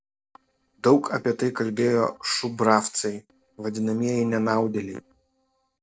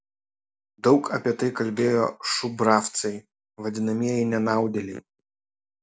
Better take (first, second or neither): second